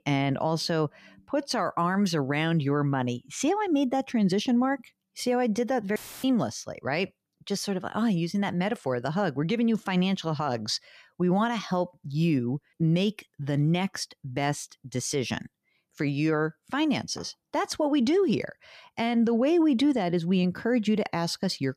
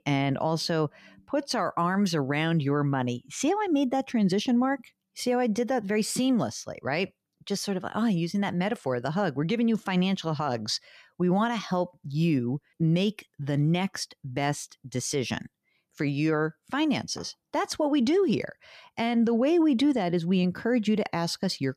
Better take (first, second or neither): second